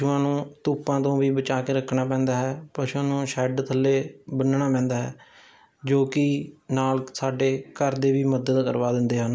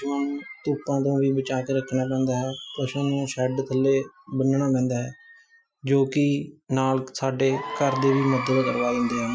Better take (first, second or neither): first